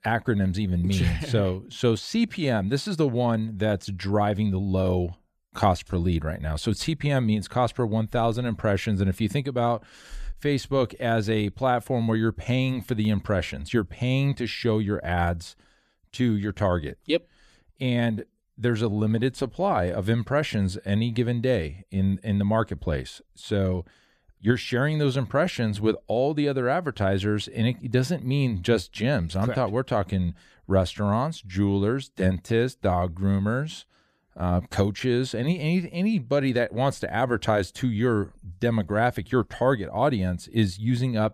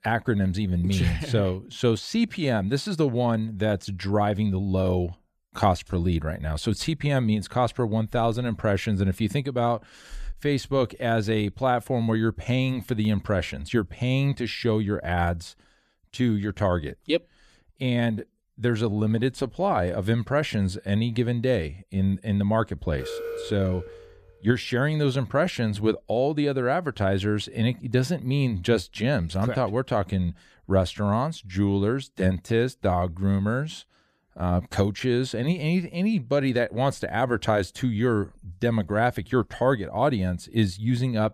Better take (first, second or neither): first